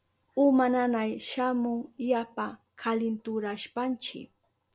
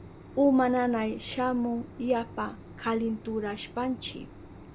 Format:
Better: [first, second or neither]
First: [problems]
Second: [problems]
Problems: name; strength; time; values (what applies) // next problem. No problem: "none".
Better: first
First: none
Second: background sound (Mechanisms); 17 dB below the speech